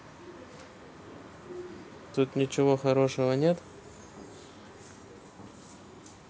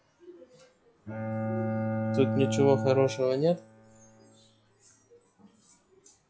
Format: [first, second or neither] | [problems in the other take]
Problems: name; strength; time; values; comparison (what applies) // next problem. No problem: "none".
first | noise reduction (classical method log-MMSE)